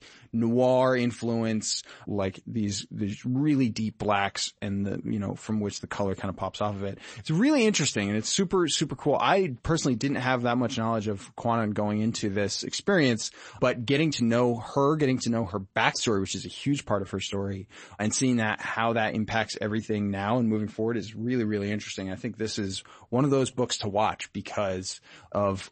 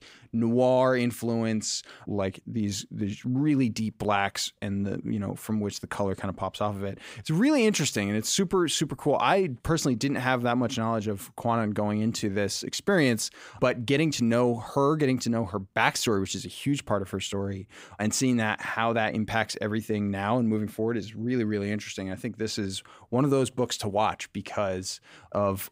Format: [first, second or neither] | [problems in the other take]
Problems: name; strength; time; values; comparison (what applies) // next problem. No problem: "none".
second | garbled, watery; slightly; nothing above 8 kHz